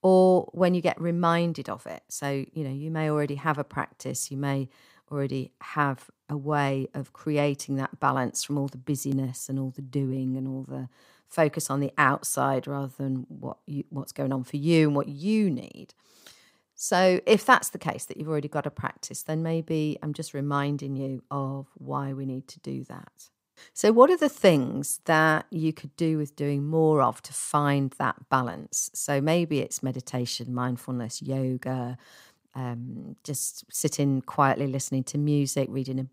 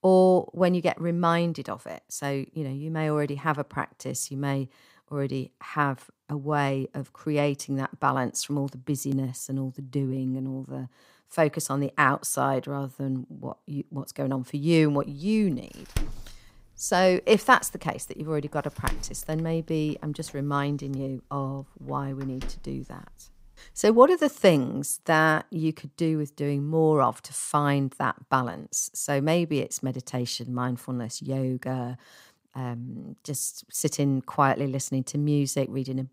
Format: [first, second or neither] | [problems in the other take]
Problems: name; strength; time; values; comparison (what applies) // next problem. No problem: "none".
first | door banging; noticeable; from 16 to 23 s; peak 8 dB below the speech